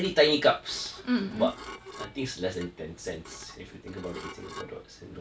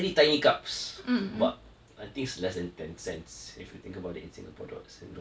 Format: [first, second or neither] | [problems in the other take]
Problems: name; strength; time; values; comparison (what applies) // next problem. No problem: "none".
second | background sound (Dishes, pots, and pans / Glass); 17 dB below the speech